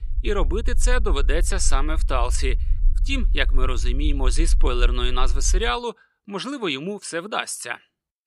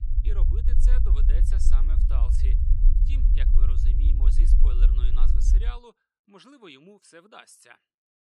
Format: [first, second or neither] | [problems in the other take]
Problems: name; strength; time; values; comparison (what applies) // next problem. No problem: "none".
first | low rumble; loud; until 5.5 s; as loud as the speech; faint in the first